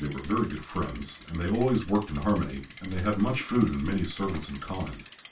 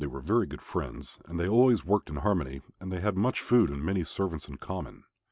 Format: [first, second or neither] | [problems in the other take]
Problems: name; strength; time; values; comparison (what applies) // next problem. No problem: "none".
second | background sound (Bicycle); 19 dB below the speech // room echo; dies away in 0.2 s